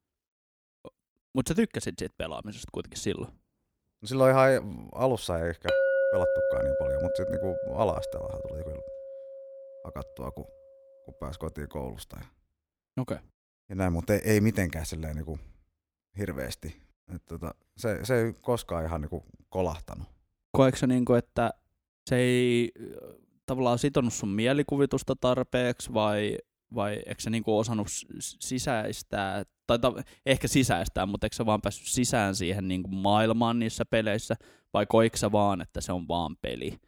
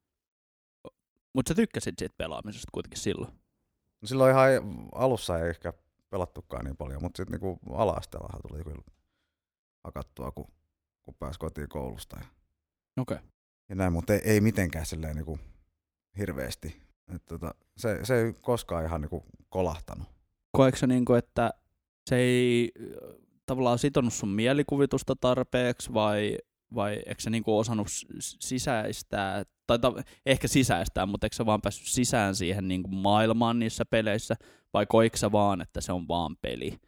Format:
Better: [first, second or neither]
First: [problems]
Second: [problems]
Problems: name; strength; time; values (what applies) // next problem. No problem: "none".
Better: second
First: clattering dishes; loud; from 5.5 to 9 s; peak 4 dB above the speech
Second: none